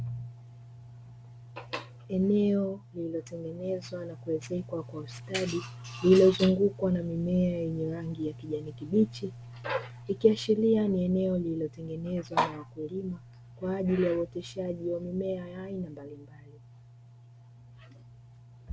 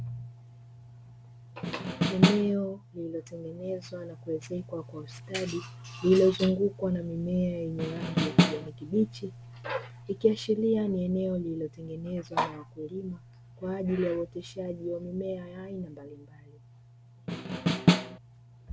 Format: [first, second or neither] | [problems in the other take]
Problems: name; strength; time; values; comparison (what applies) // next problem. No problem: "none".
first | background sound (Snare drum); 5 dB above the speech